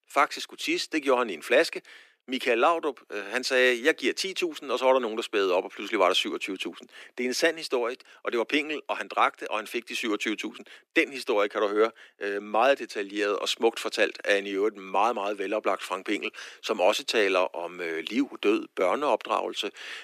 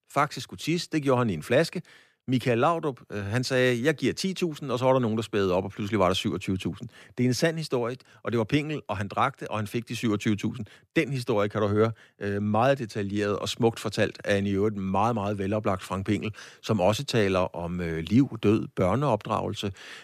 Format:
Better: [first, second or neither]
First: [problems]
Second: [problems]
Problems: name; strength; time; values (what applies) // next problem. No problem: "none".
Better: second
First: thin; somewhat; fading below 300 Hz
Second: none